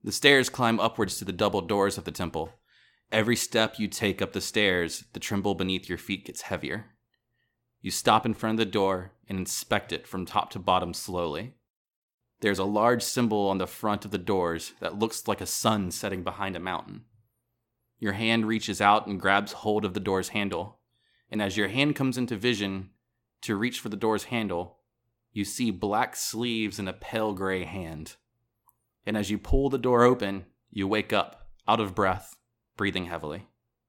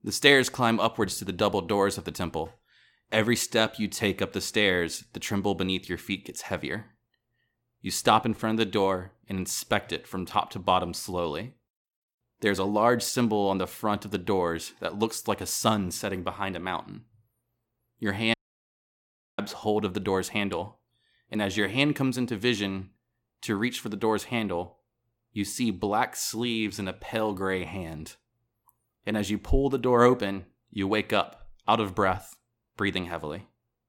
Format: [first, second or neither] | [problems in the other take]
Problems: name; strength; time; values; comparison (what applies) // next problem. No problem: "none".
first | audio cutting out; at 18 s for 1 s